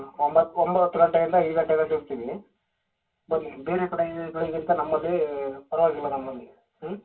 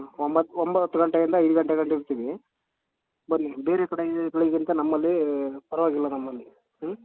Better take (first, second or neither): second